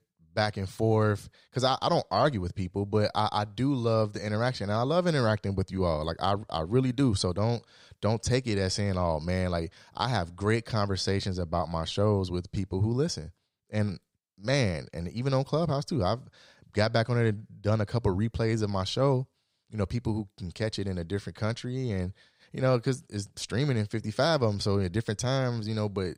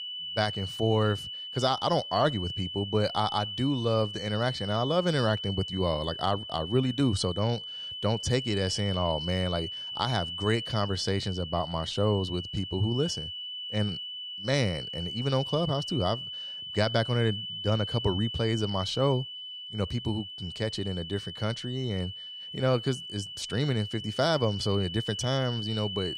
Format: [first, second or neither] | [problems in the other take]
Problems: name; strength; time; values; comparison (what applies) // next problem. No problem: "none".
first | high-pitched whine; loud; throughout; 3 kHz, 6 dB below the speech